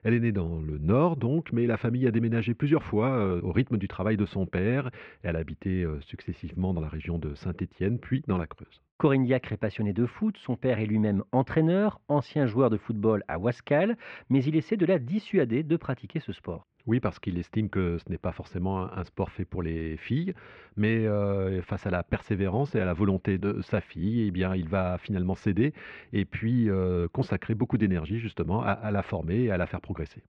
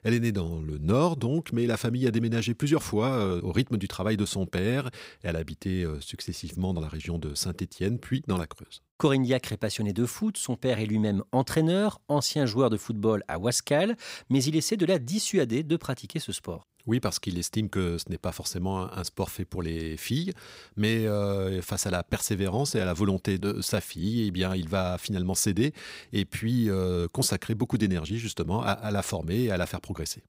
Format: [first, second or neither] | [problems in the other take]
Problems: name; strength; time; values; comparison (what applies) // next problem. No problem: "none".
second | muffled; very; fading above 2.5 kHz